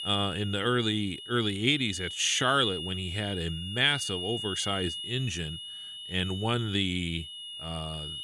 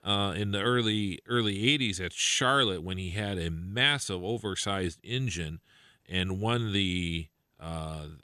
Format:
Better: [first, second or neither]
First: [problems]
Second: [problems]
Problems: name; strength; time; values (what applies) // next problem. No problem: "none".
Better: second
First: high-pitched whine; loud; throughout; 3 kHz, 8 dB below the speech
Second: none